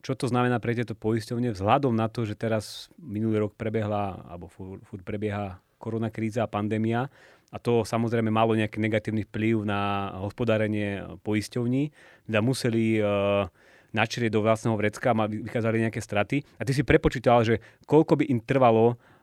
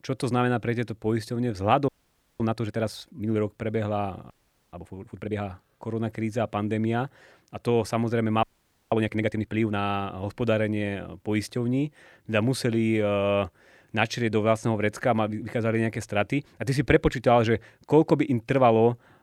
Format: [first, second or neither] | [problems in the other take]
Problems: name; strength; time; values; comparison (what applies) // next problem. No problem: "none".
first | audio freezing; at 2 s for 0.5 s, at 4.5 s and at 8.5 s